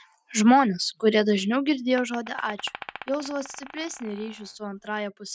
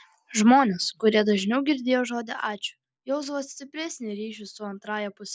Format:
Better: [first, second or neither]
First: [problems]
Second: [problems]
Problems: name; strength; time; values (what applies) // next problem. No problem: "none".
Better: second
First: noise reduction (neural mask model RNNoise)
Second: none